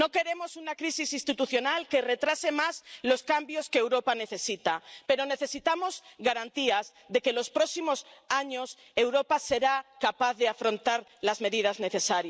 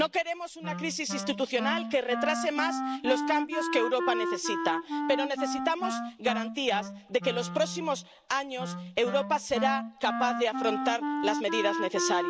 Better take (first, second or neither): first